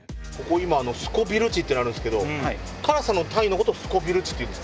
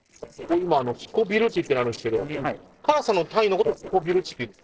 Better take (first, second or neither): first